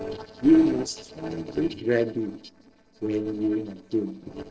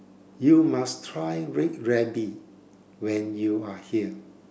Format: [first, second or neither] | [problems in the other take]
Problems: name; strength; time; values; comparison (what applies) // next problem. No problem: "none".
second | noise reduction (neural separator model SepFormer DNS4)